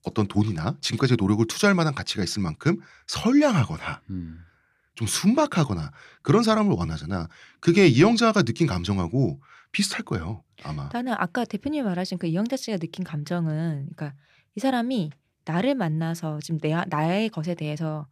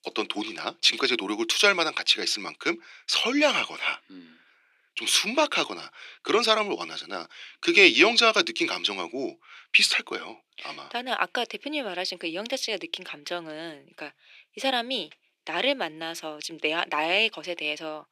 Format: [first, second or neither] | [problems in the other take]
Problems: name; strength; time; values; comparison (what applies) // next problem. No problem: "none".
first | thin; somewhat; fading below 350 Hz